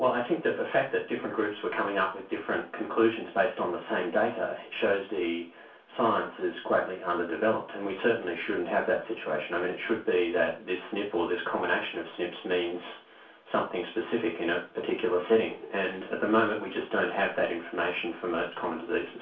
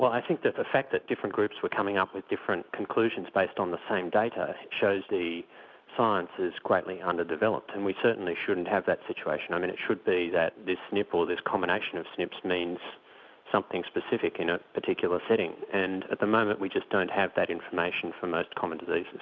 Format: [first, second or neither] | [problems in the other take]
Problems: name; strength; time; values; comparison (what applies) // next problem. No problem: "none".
second | room echo; dies away in 0.3 s